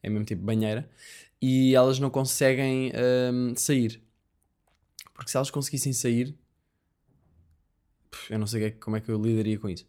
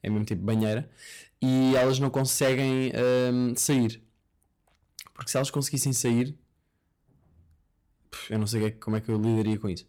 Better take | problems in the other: first | distortion; slight; 7% of the sound clipped

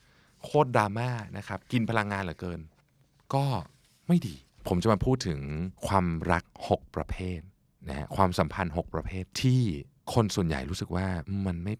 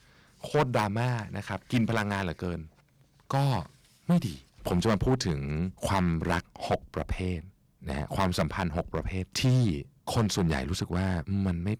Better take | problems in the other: first | distortion; heavy; 4% of the sound clipped

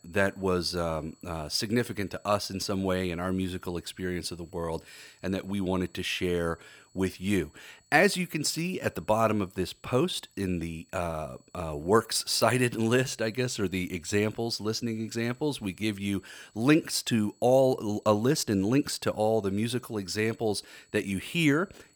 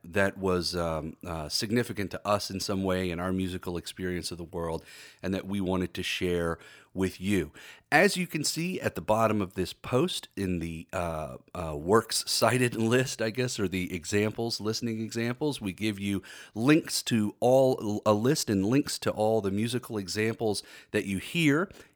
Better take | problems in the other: second | high-pitched whine; faint; throughout; 8 kHz, 35 dB below the speech

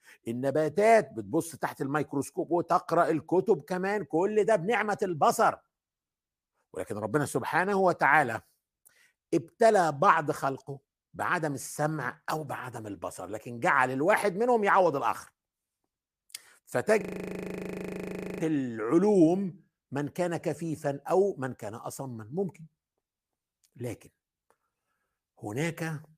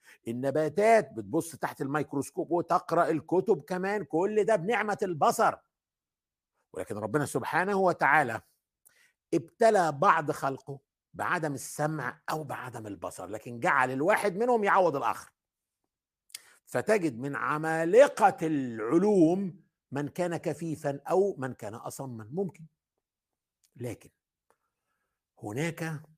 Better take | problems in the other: second | audio freezing; at 17 s for 1.5 s

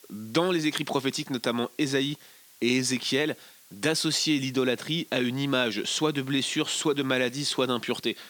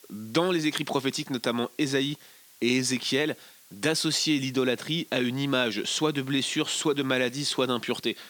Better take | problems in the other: neither | hiss; faint; throughout; 25 dB below the speech; the same in both

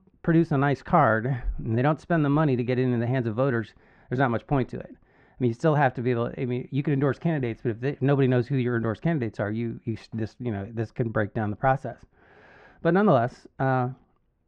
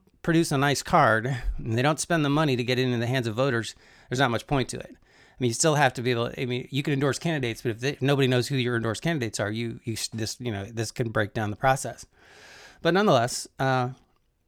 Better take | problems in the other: second | muffled; very; fading above 1.5 kHz

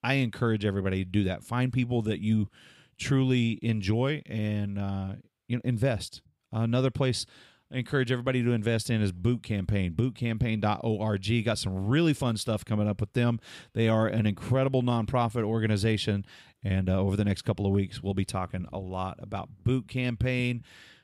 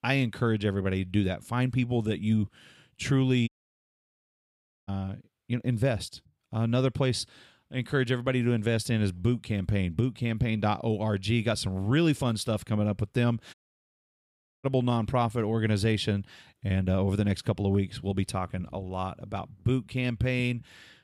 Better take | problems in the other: first | audio cutting out; at 3.5 s for 1.5 s and at 14 s for 1 s

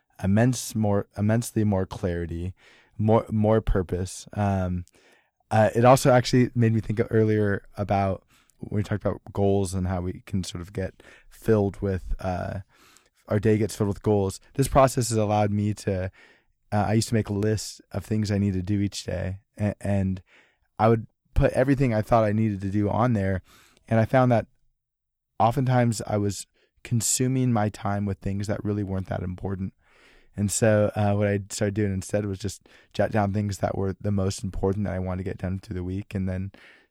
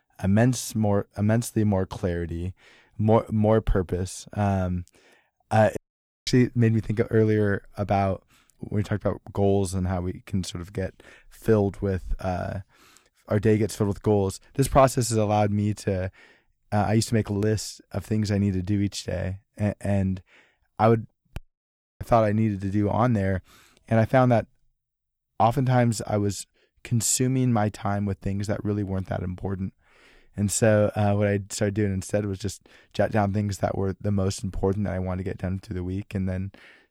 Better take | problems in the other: first | audio cutting out; at 6 s for 0.5 s and at 21 s for 0.5 s

